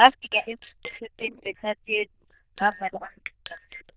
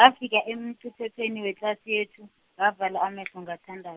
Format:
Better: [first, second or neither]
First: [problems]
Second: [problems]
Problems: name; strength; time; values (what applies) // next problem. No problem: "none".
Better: second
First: noise reduction (neural diffusion model UNIVERSE++)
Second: none